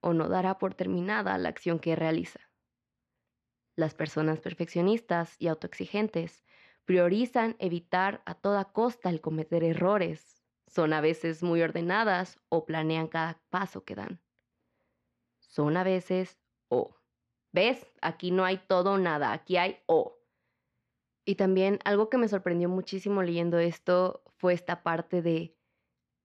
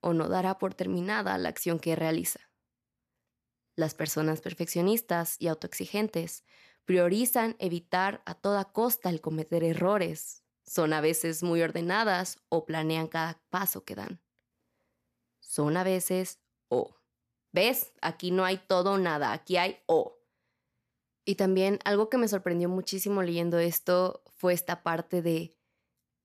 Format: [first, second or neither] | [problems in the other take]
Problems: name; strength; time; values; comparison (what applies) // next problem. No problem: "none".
second | muffled; slightly; fading above 3.5 kHz